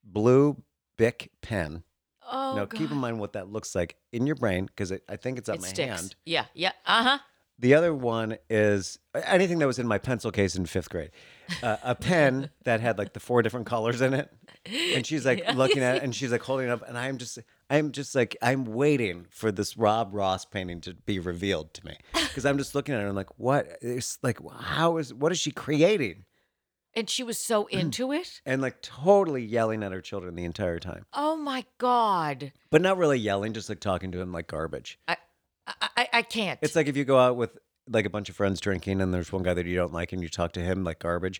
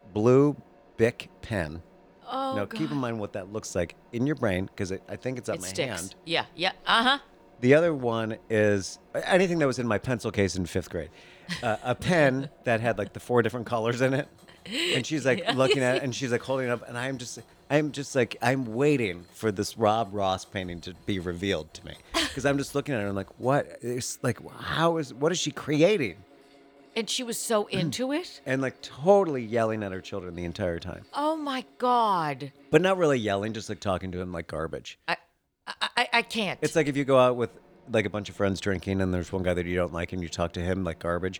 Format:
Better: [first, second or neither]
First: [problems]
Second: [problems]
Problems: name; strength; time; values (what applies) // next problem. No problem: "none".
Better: first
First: none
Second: machinery noise; faint; throughout; 30 dB below the speech